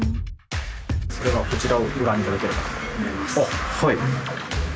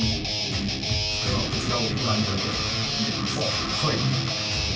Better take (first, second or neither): first